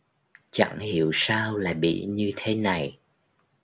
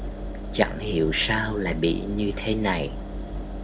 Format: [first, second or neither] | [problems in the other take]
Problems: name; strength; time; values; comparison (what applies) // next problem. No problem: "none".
first | background sound (Engine); 6 dB below the speech